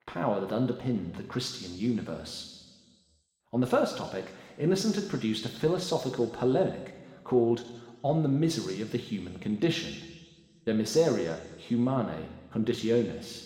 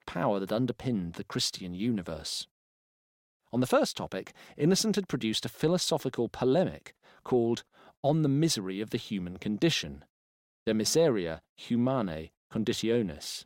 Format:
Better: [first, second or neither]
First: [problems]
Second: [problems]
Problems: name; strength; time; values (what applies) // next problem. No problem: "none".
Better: second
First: room echo; slight; dies away in 1.6 s // off-mic speech; somewhat distant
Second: none